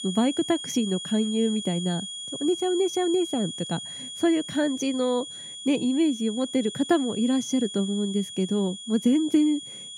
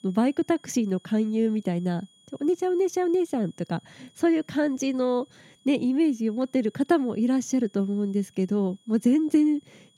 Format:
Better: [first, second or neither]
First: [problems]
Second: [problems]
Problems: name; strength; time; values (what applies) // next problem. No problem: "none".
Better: second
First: high-pitched whine; loud; throughout; 3.5 kHz, 9 dB below the speech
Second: high-pitched whine; faint; throughout; 3.5 kHz, 35 dB below the speech